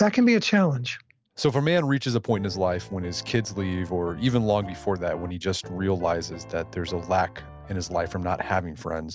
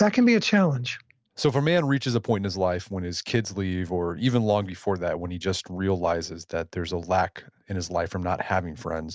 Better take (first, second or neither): second